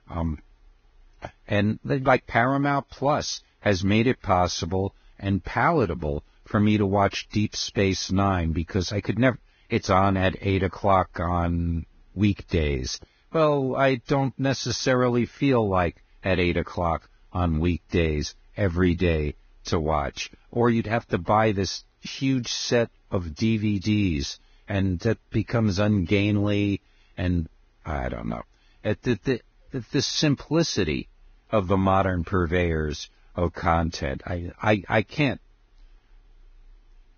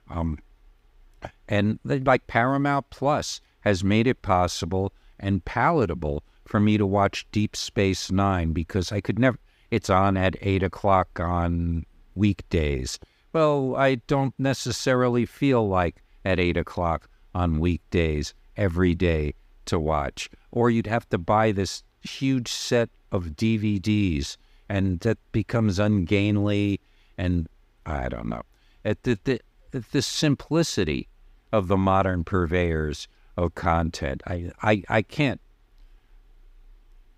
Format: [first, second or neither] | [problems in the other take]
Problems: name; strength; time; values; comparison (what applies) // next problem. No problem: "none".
second | garbled, watery; badly; nothing above 6.5 kHz